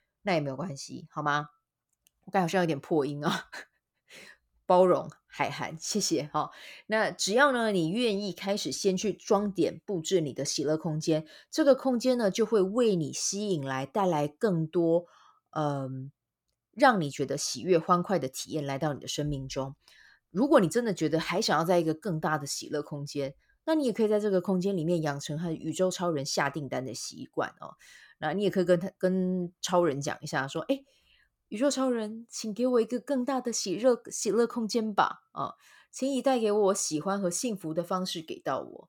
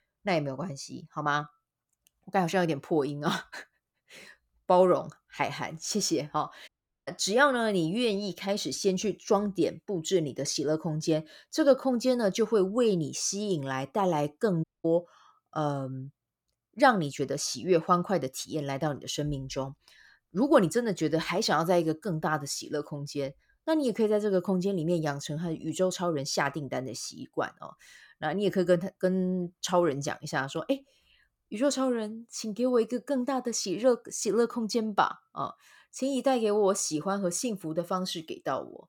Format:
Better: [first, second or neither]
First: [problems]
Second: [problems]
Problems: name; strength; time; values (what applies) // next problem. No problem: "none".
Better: first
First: none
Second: audio cutting out; at 6.5 s and at 15 s